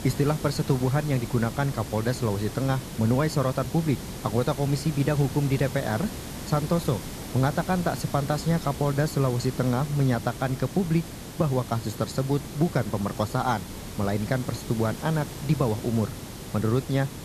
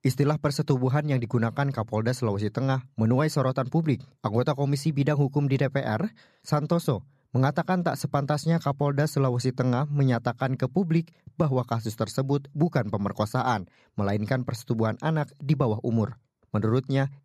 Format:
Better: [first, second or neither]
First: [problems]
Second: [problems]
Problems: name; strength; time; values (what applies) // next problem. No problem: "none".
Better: second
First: hiss; noticeable; throughout; 10 dB below the speech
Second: none